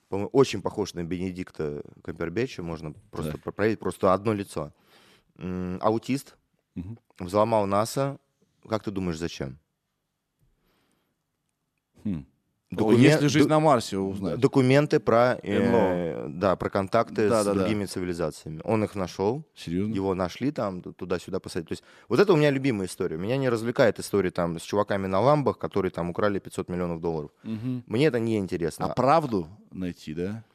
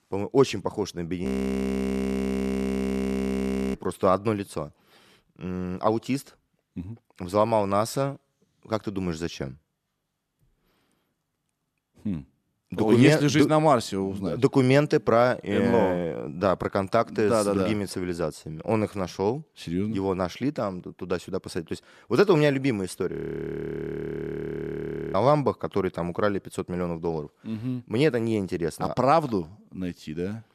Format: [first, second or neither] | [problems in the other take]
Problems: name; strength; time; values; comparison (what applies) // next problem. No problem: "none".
first | audio freezing; at 1.5 s for 2.5 s and at 23 s for 2 s